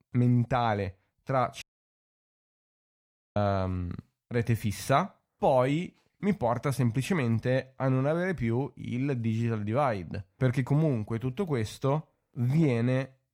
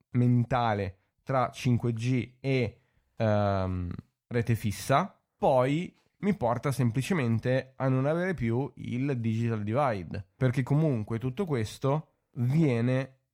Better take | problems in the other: second | audio cutting out; at 1.5 s for 1.5 s

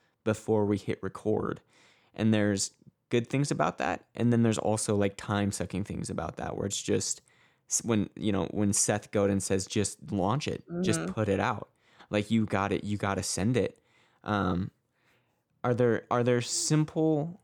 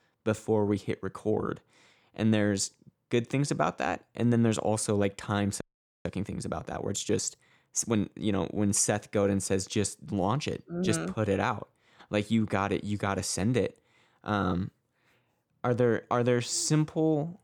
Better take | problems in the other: first | audio freezing; at 5.5 s

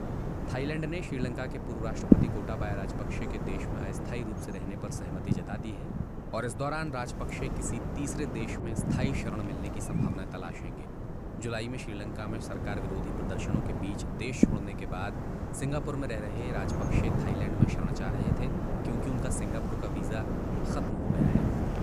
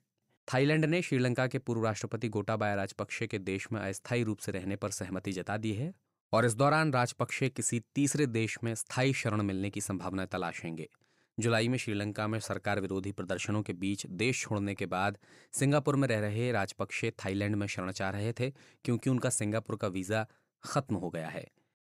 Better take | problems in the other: second | wind noise on the microphone; heavy; 1 dB above the speech

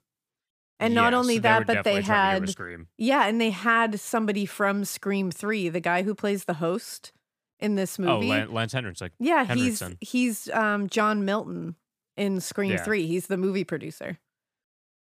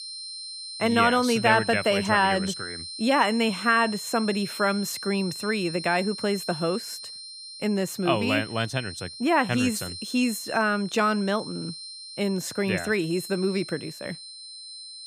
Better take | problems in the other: first | high-pitched whine; noticeable; throughout; 4 kHz, 10 dB below the speech

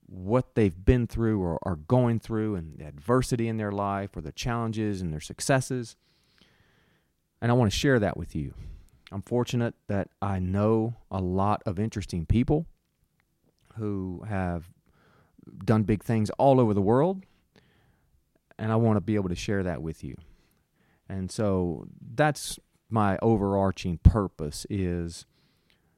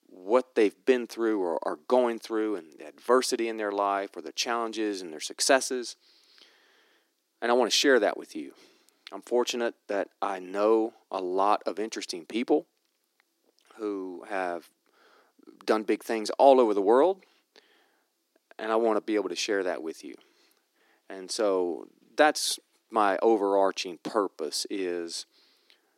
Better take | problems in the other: first | thin; somewhat; fading below 300 Hz

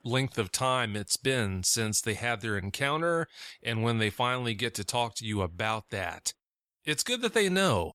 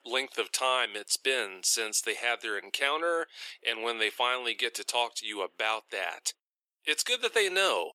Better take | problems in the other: first | thin; very; fading below 350 Hz

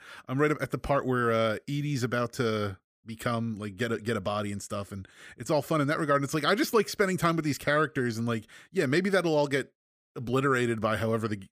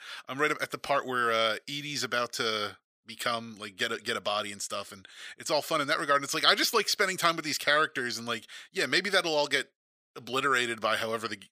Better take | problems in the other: first | thin; somewhat; fading below 1 kHz

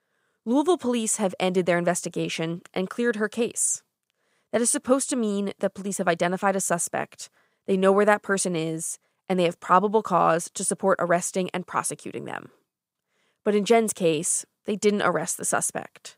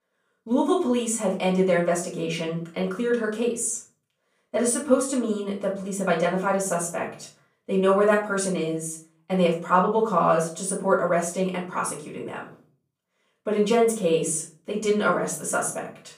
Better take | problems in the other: first | off-mic speech; far // room echo; slight; dies away in 0.4 s

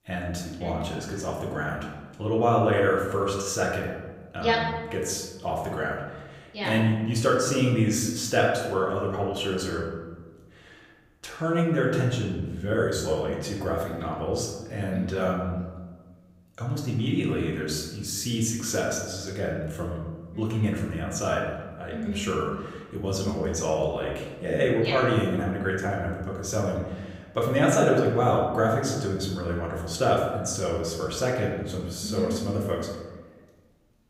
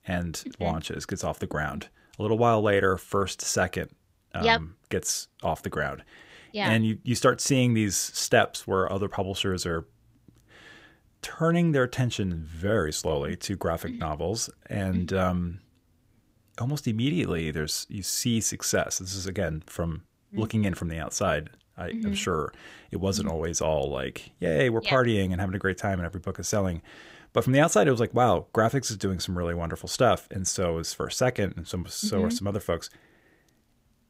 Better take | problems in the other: second | room echo; noticeable; dies away in 1.1 s // off-mic speech; far

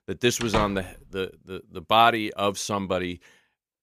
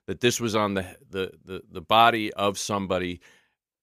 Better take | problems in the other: second | door banging; noticeable; at 0.5 s; peak 6 dB below the speech

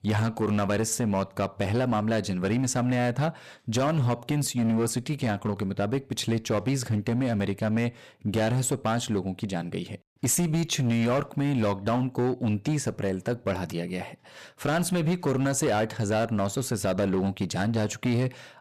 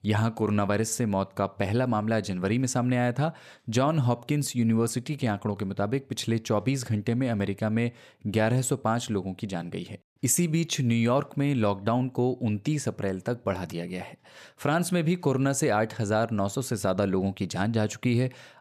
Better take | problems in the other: second | distortion; slight; 12% of the sound clipped

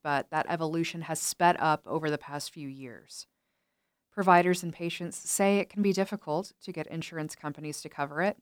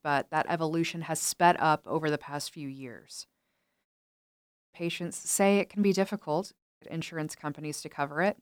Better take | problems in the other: first | audio cutting out; at 4 s for 1 s and at 6.5 s

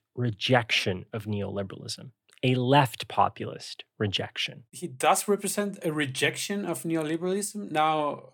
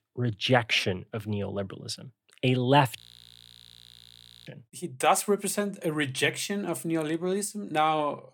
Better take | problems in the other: first | audio freezing; at 3 s for 1.5 s

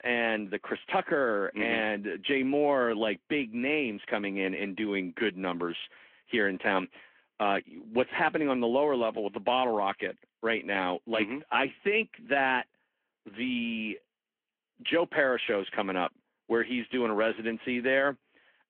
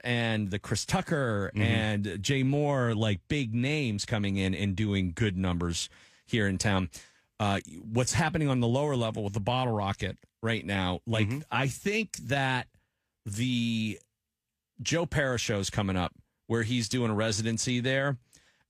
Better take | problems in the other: second | phone-call audio

